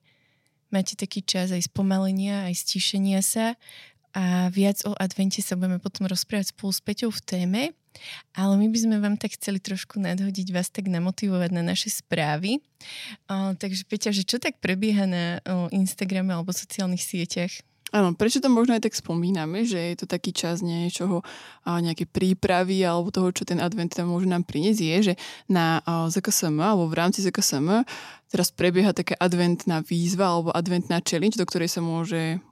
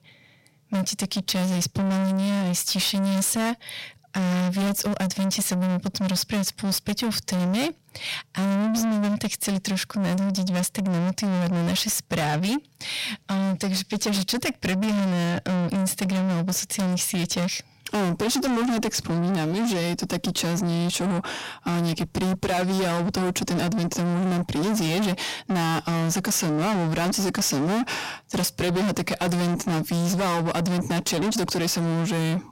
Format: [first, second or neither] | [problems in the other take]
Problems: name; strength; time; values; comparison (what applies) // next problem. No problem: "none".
first | distortion; heavy; 6 dB below the speech